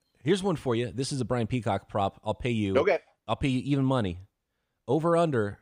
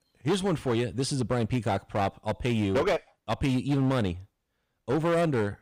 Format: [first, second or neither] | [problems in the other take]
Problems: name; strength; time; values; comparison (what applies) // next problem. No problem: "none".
first | distortion; slight; 13% of the sound clipped